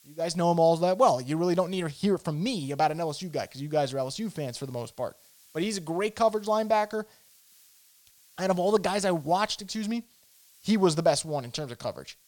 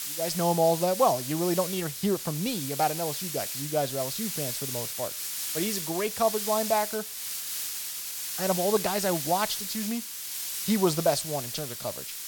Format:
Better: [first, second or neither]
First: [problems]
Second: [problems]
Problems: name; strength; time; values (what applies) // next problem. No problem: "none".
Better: first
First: hiss; faint; throughout; 30 dB below the speech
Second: hiss; loud; throughout; 3 dB below the speech